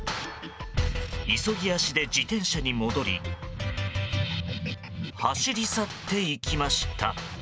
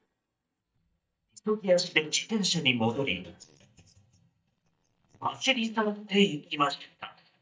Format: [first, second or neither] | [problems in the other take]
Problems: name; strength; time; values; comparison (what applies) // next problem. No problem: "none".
first | noise reduction (neural mask model DeepFilterNet 3)